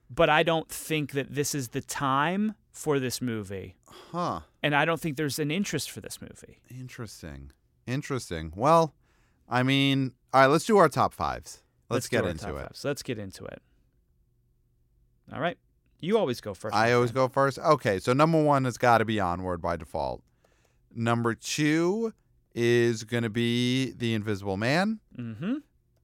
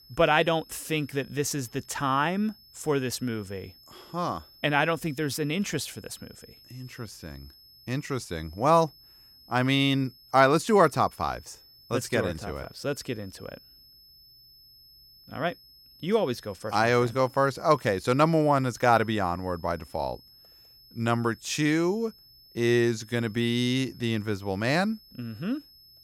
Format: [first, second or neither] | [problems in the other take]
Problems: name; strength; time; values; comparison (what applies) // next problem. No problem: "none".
first | high-pitched whine; faint; throughout; 5 kHz, 25 dB below the speech